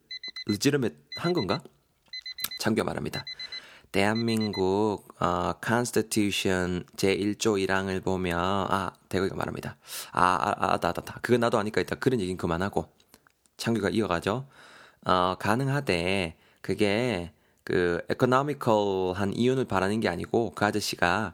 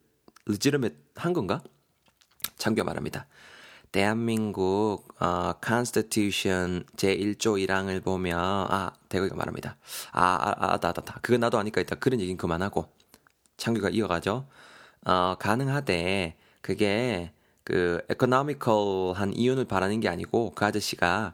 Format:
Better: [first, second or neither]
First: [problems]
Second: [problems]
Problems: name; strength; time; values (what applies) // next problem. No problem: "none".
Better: second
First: alarm; noticeable; until 4.5 s; peak 9 dB below the speech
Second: none